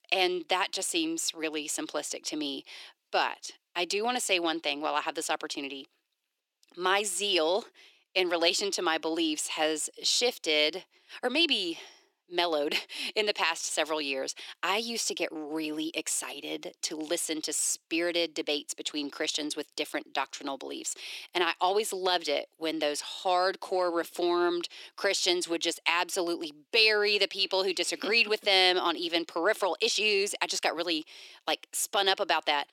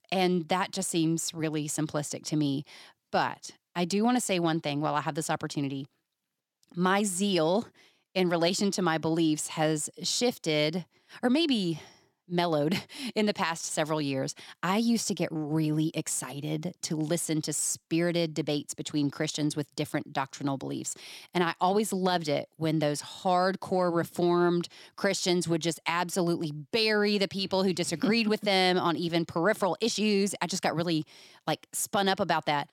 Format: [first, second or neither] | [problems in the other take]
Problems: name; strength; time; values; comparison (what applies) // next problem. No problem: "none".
second | thin; somewhat; fading below 350 Hz